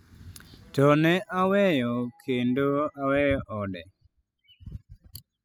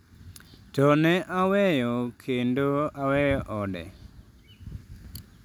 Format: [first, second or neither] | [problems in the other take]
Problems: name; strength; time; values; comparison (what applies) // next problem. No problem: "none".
second | noise reduction (classical method spectral subtraction)